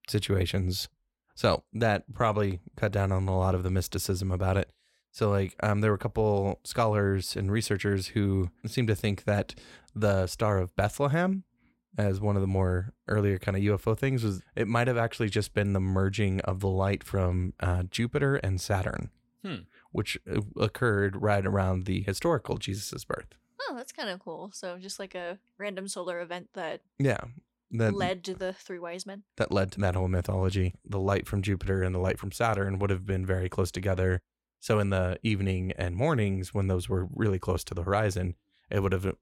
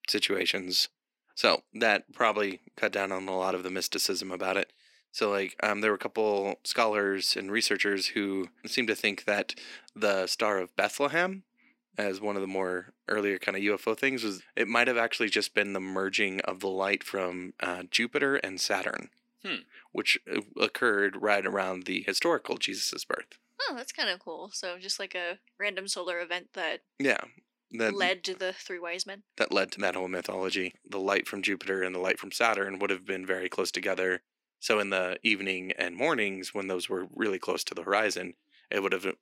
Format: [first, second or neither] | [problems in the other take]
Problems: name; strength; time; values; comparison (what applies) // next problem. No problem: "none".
first | thin; somewhat; fading below 250 Hz